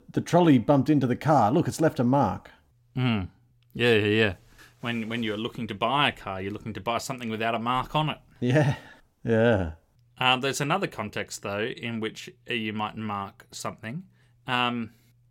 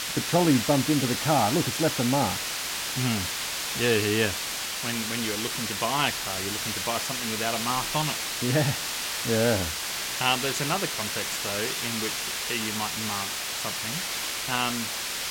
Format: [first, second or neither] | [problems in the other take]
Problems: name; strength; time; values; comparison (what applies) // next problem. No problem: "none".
first | hiss; loud; throughout; as loud as the speech